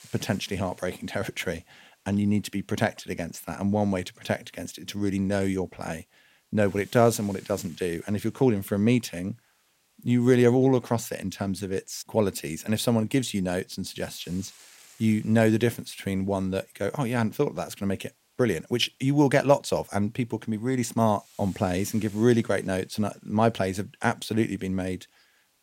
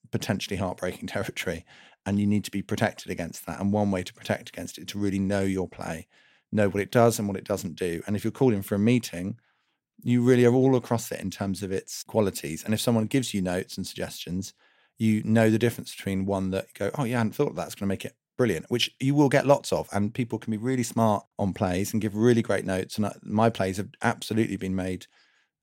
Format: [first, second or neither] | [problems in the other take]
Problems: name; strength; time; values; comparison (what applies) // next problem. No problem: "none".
second | hiss; faint; throughout; 30 dB below the speech